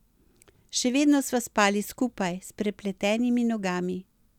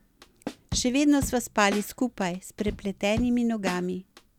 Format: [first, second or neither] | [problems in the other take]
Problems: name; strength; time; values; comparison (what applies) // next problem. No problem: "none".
first | background sound (Drum / Drum kit); 12 dB below the speech